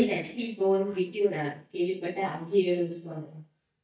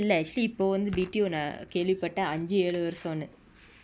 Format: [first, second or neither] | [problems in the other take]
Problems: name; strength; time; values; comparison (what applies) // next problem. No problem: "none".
second | noise reduction (neural mask model DeepFilterNet 3)